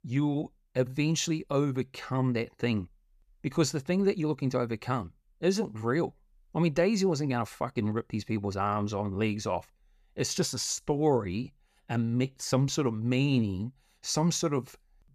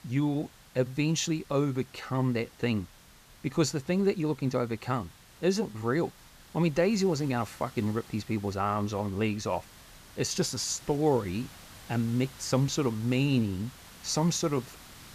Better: first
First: none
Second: hiss; faint; throughout; 20 dB below the speech

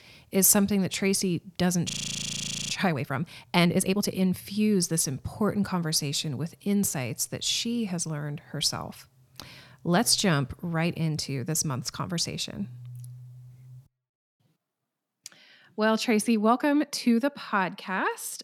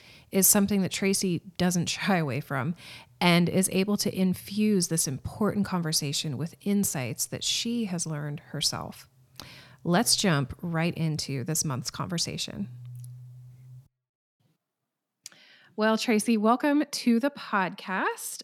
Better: second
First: audio freezing; at 2 s for 1 s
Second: none

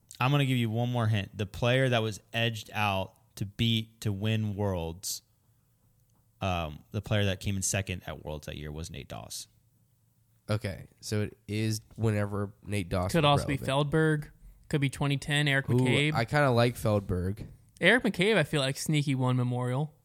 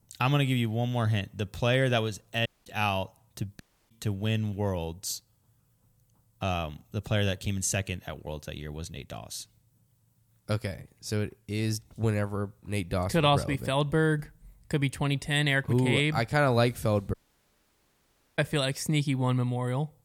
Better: first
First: none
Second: audio cutting out; at 2.5 s, at 3.5 s and at 17 s for 1 s

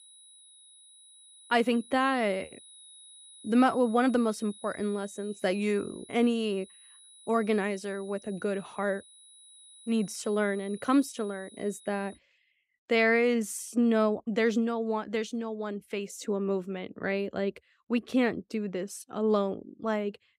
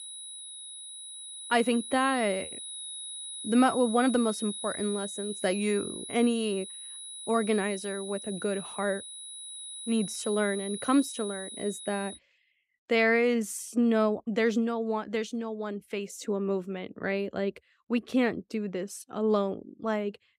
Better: first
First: high-pitched whine; faint; until 12 s; 10 kHz, 20 dB below the speech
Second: high-pitched whine; loud; until 12 s; 10 kHz, 9 dB below the speech

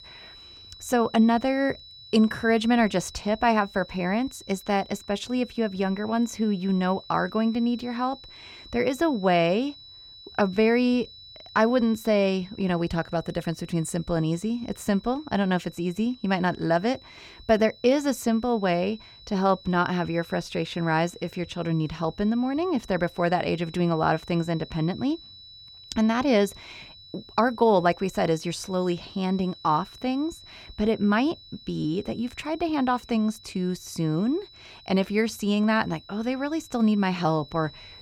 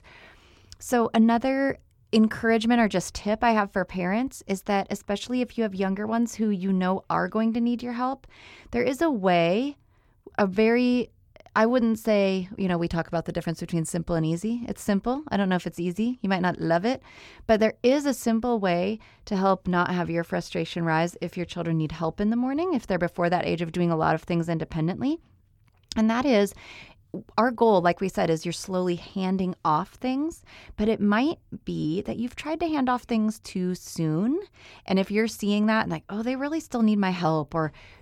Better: second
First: high-pitched whine; faint; throughout; 4 kHz, 20 dB below the speech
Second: none

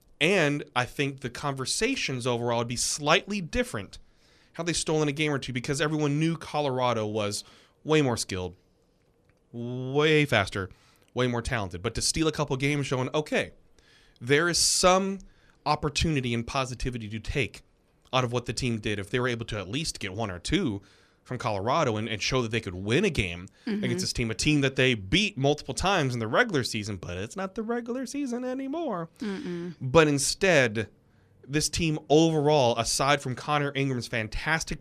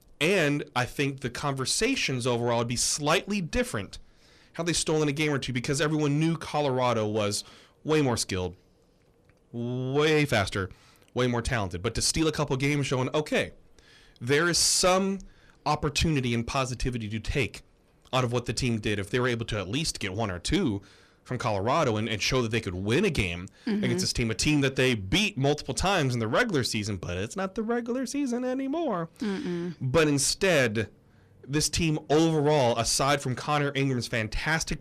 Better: first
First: none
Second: distortion; slight; 10 dB below the speech

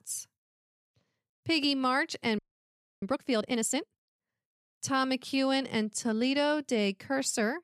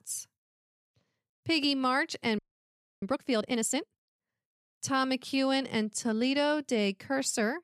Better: neither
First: audio freezing; at 2.5 s for 0.5 s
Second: audio freezing; at 2.5 s for 0.5 s

